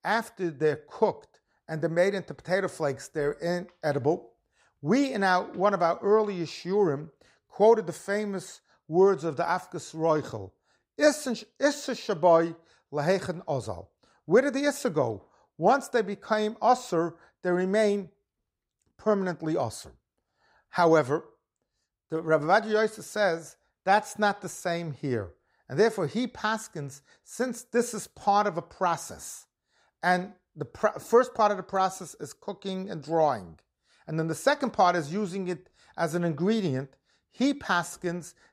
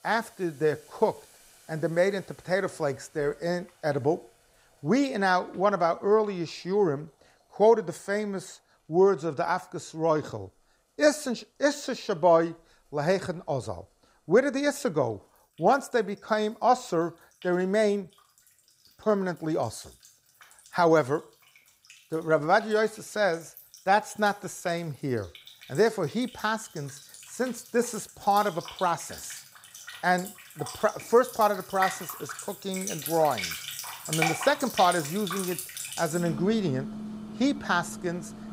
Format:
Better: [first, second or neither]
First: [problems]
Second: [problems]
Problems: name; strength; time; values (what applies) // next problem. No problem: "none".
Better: first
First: none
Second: household noises; noticeable; throughout; 10 dB below the speech